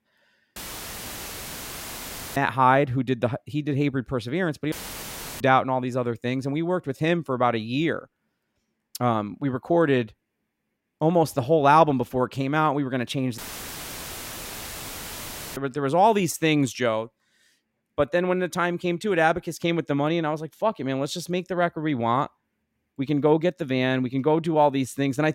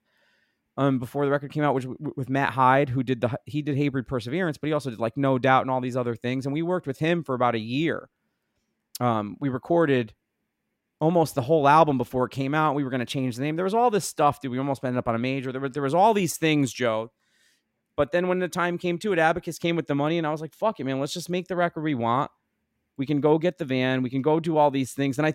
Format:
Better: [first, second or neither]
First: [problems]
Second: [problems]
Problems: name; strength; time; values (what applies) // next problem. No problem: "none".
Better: second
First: audio cutting out; filled with static; at 0.5 s for 2 s, at 4.5 s for 0.5 s and at 13 s for 2 s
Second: none